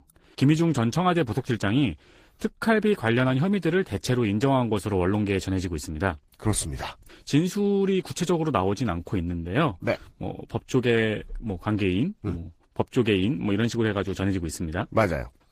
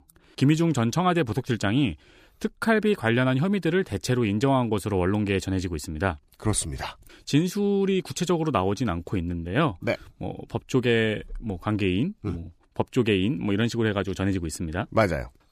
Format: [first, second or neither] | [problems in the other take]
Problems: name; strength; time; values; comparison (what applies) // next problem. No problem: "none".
second | garbled, watery; slightly; nothing above 15 kHz